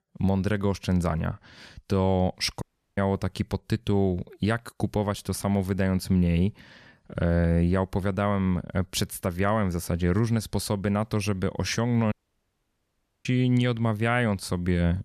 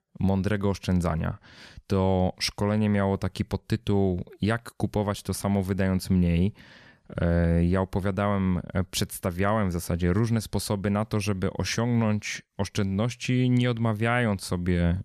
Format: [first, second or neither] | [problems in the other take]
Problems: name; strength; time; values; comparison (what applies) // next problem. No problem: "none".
second | audio cutting out; at 2.5 s and at 12 s for 1 s